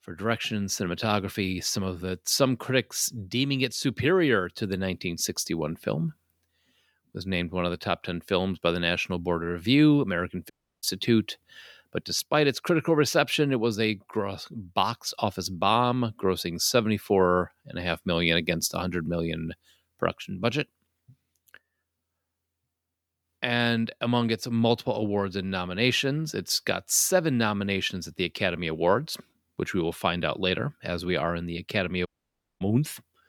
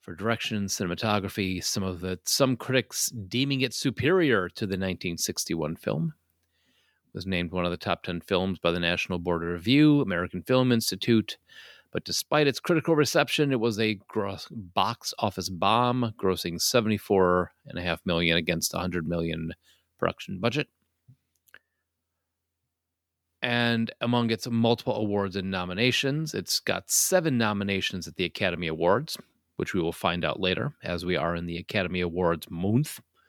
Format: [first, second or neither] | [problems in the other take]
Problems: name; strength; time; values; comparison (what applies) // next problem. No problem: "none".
second | audio cutting out; at 11 s and at 32 s for 0.5 s